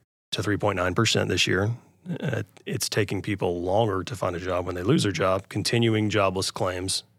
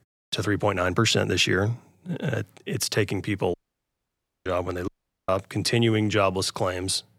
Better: first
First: none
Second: audio cutting out; at 3.5 s for 1 s and at 5 s

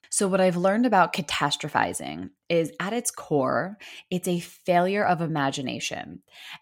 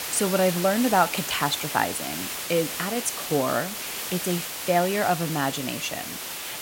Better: first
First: none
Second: hiss; loud; throughout; 5 dB below the speech

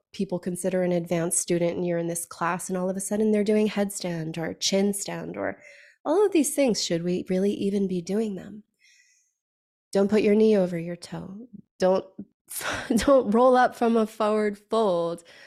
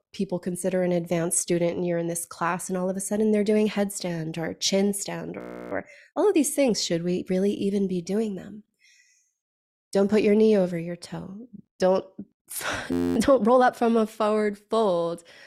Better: first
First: none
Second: audio freezing; at 5.5 s and at 13 s

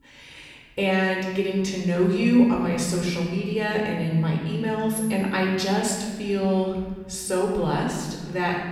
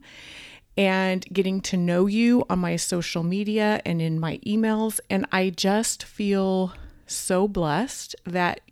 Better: second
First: off-mic speech; somewhat distant // room echo; noticeable; dies away in 1.6 s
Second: none

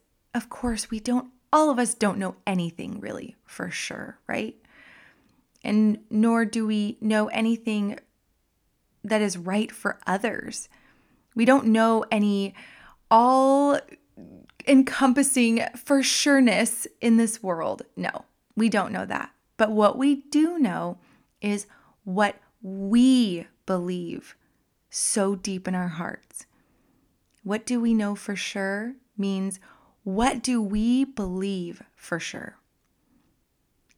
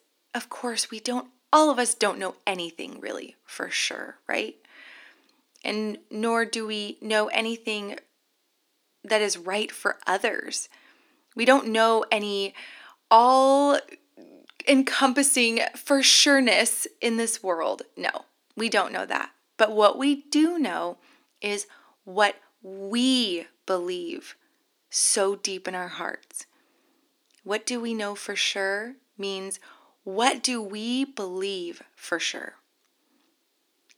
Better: first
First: none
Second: thin; somewhat; fading below 300 Hz

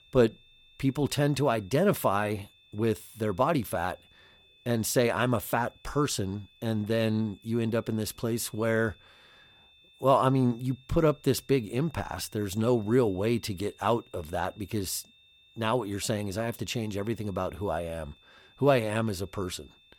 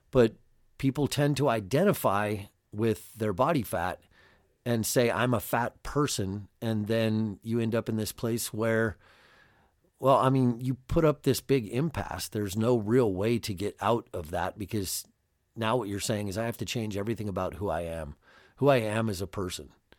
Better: second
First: high-pitched whine; faint; throughout; 3.5 kHz, 30 dB below the speech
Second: none

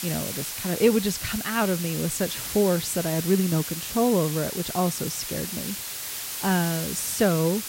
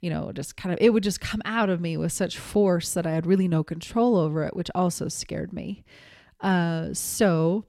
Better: second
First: hiss; loud; throughout; 5 dB below the speech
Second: none

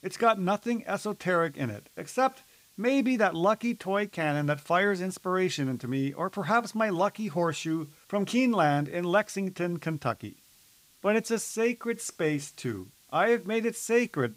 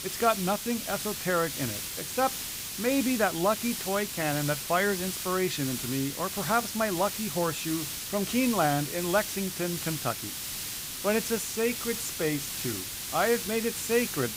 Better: first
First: hiss; faint; throughout; 30 dB below the speech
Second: hiss; loud; throughout; 4 dB below the speech

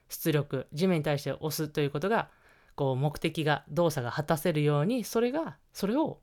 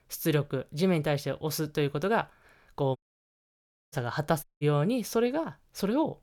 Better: first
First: none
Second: audio cutting out; at 3 s for 1 s and at 4.5 s

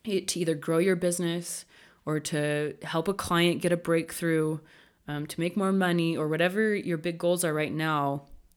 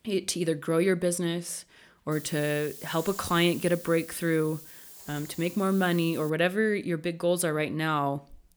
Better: first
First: none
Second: hiss; noticeable; from 2 to 6.5 s; 15 dB below the speech

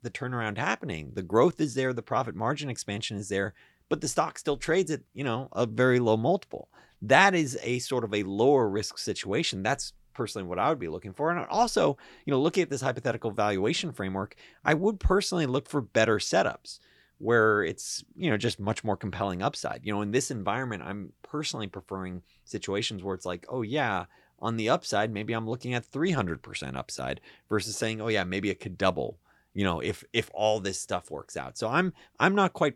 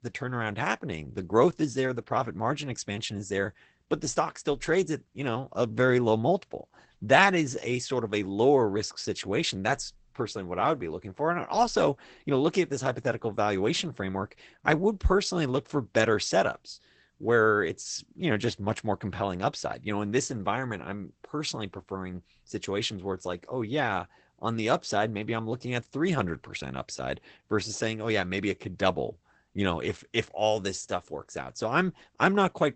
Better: first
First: none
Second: garbled, watery; badly; nothing above 8 kHz

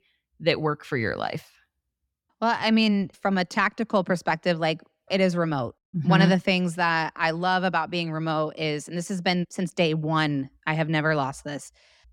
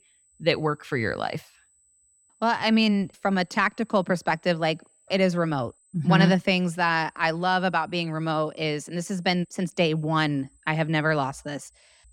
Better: first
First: none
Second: high-pitched whine; faint; throughout; 8 kHz, 35 dB below the speech

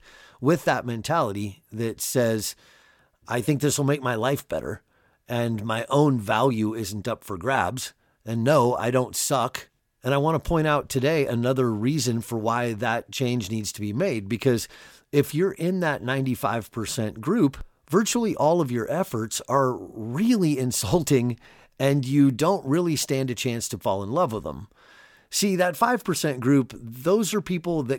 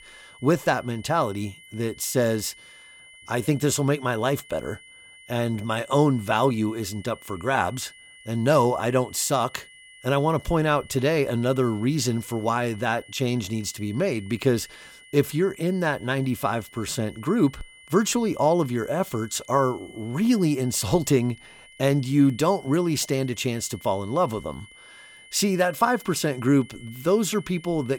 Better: first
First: none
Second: high-pitched whine; faint; throughout; 2 kHz, 20 dB below the speech

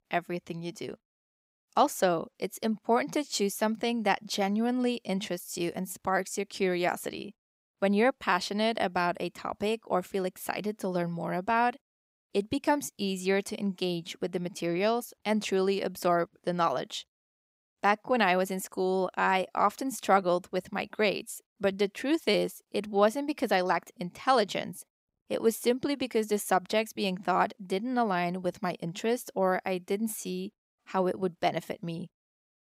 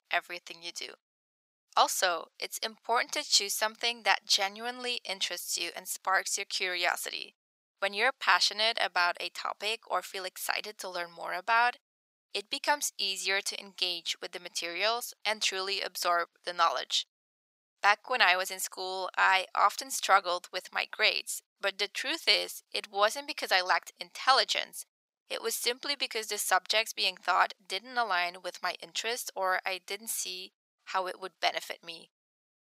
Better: first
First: none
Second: thin; very; fading below 850 Hz

